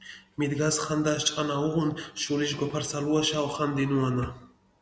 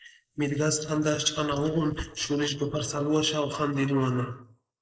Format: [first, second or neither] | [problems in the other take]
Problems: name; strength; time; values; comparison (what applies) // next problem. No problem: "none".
first | noise reduction (neural mask model Resemble Enhance denoiser)